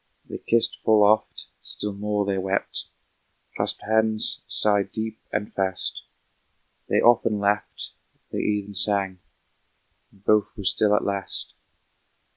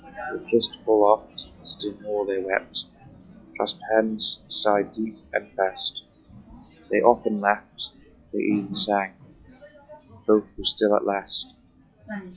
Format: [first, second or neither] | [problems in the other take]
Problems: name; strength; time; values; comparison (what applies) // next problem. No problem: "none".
first | noise reduction (classical method log-MMSE)